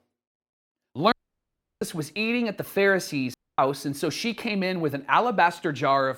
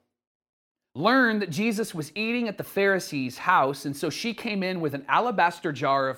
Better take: second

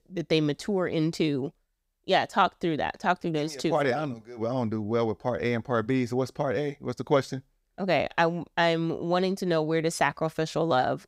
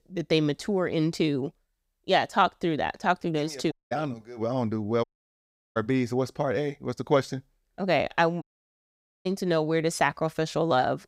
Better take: first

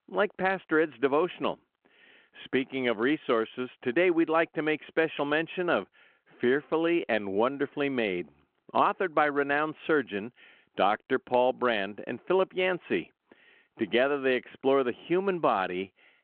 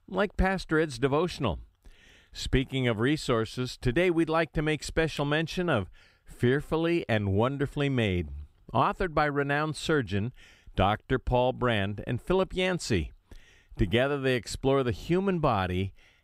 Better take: second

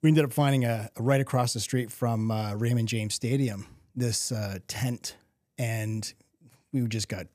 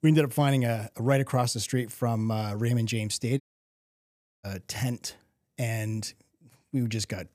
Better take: first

